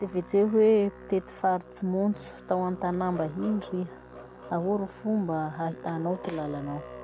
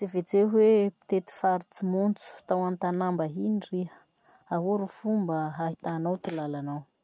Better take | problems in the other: second | background sound (Musical instrument); 16 dB below the speech

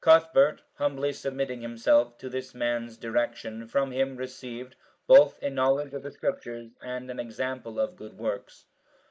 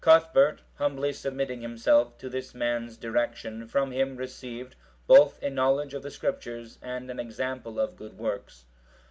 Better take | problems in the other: second | noise reduction (neural mask model Resemble Enhance denoiser)

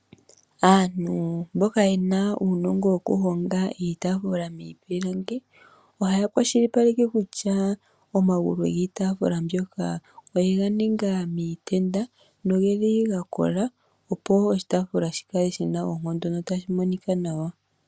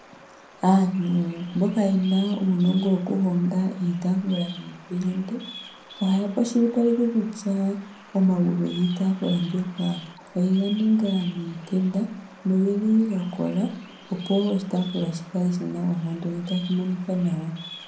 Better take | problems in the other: first | background sound (Bird vocalization, bird call, bird song); 20 dB below the speech // room echo; dies away in 0.6 s

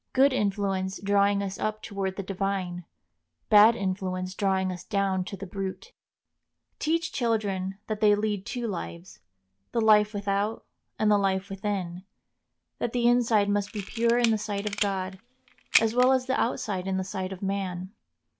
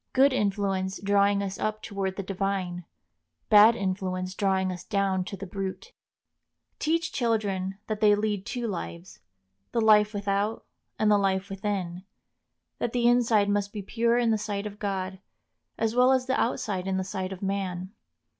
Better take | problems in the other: second | background sound (Camera); 8 dB below the speech

